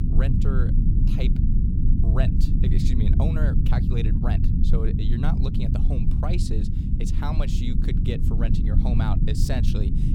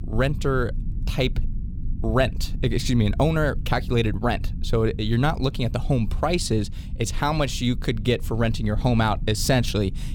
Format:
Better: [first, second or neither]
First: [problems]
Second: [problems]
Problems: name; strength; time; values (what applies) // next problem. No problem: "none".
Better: second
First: low rumble; loud; throughout; as loud as the speech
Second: low rumble; faint; throughout; 20 dB below the speech